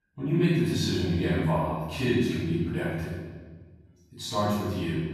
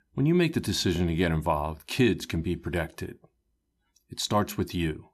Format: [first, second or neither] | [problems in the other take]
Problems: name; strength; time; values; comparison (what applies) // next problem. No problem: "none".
second | room echo; strong; dies away in 1.3 s // off-mic speech; far